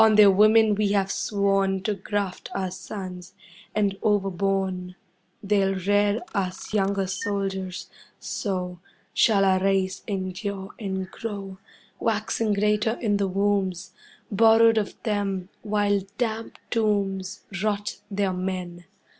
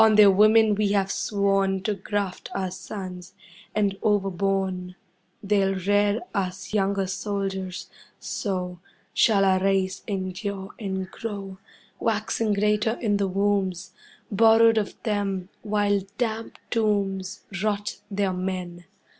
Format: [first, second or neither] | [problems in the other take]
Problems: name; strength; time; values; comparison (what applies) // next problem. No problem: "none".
second | background sound (Camera); 18 dB below the speech